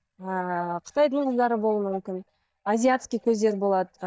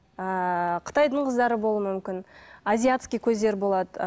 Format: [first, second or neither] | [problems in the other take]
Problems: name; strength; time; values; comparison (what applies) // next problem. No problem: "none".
second | noise reduction (neural mask model DeepFilterNet 3)